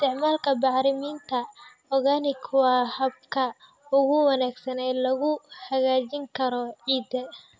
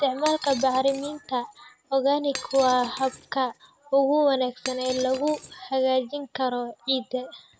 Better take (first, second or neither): first